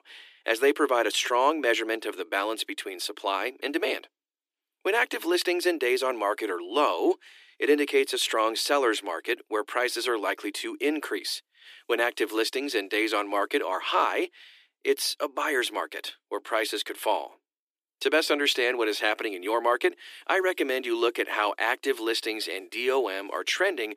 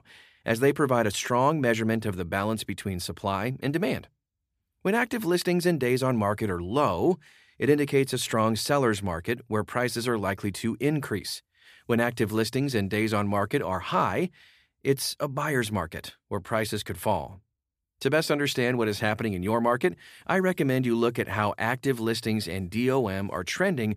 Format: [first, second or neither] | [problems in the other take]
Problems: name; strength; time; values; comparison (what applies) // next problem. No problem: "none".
second | thin; somewhat; fading below 300 Hz